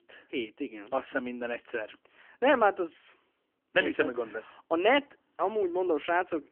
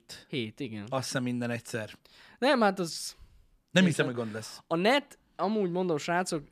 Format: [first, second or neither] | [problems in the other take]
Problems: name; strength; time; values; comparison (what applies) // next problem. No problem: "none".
second | phone-call audio; nothing above 3 kHz